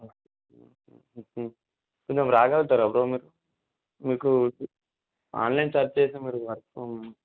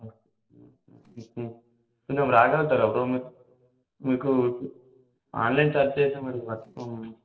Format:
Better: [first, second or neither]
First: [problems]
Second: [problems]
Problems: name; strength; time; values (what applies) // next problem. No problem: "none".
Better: first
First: none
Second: noise reduction (neural separator model SepFormer DNS4)